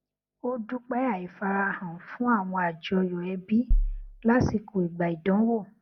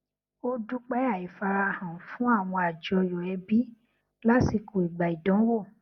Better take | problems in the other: second | background sound (Bass drum); 1 dB above the speech

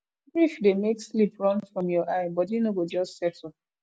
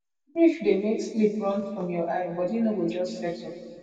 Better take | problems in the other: first | room echo; dies away in 2 s

